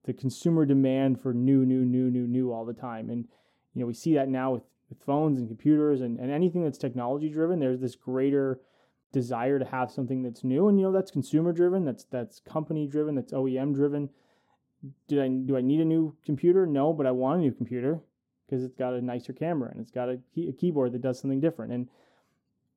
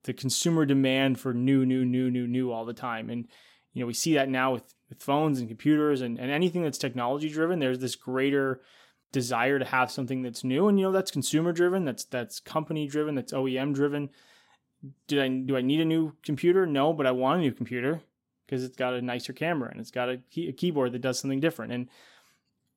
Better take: second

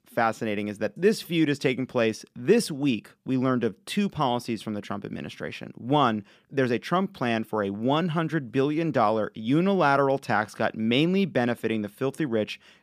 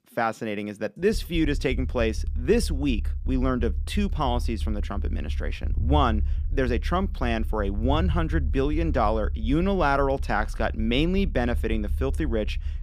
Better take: first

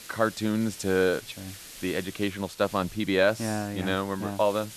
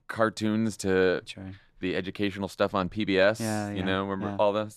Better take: second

